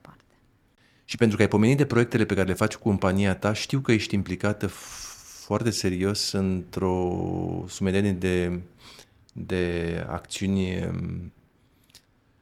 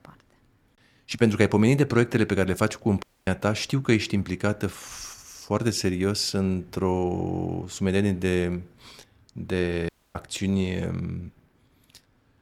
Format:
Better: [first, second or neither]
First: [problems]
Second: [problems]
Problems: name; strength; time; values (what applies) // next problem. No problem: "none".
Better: first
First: none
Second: audio cutting out; at 3 s and at 10 s